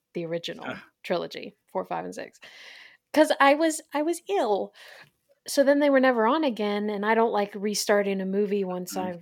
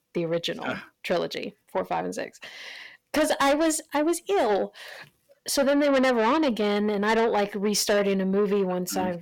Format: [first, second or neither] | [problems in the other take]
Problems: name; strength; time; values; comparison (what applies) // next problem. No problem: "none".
first | distortion; heavy; 7 dB below the speech